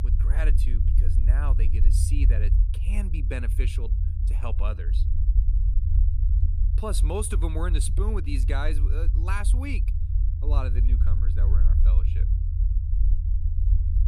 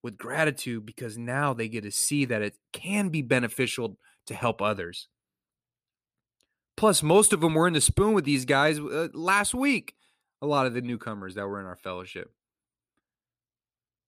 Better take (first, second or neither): second